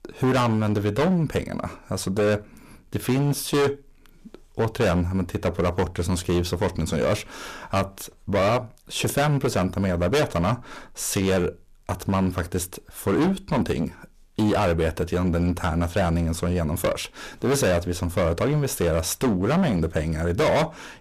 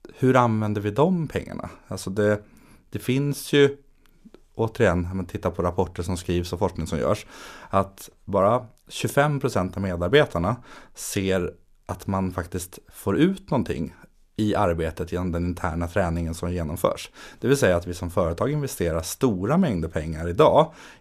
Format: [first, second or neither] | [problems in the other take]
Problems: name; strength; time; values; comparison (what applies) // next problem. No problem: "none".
second | distortion; heavy; 16% of the sound clipped